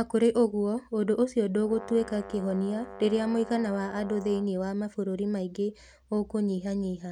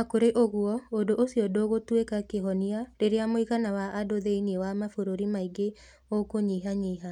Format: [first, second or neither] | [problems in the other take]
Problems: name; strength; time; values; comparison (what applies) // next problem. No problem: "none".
second | background sound (Brass instrument); 16 dB below the speech